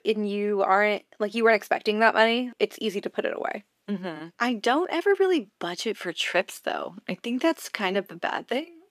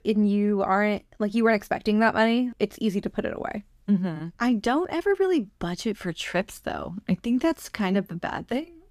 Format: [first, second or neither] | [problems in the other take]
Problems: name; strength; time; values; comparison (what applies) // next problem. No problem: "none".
second | thin; somewhat; fading below 400 Hz